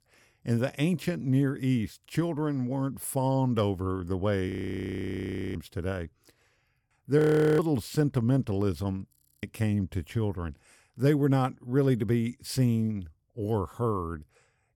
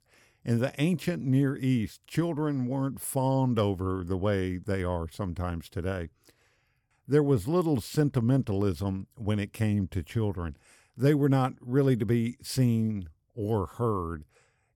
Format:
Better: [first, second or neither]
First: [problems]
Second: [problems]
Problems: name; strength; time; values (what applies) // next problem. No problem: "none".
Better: second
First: audio freezing; at 4.5 s for 1 s, at 7 s and at 9 s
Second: none